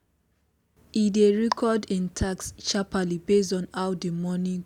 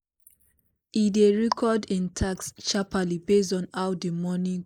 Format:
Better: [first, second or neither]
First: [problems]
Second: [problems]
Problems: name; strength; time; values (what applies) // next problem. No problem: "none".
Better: first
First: none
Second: noise reduction (neural mask model Resemble Enhance denoiser)